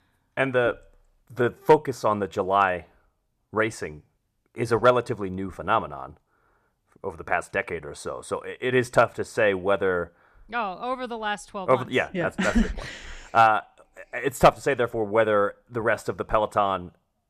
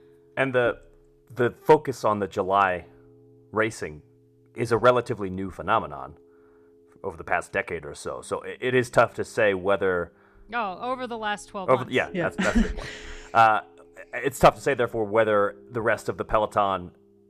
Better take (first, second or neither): first